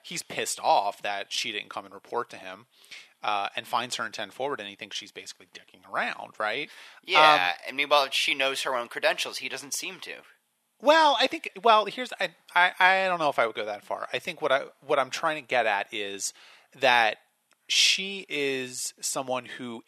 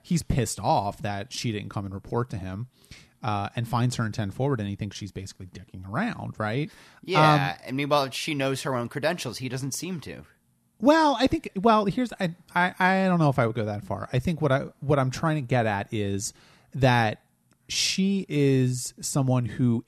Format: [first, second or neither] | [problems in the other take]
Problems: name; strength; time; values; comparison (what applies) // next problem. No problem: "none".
second | thin; very; fading below 600 Hz